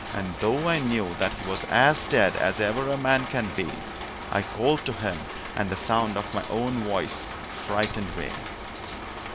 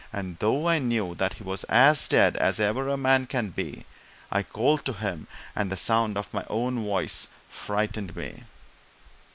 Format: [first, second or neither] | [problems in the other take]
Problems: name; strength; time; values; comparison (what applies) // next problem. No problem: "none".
second | background sound (Rain); 8 dB below the speech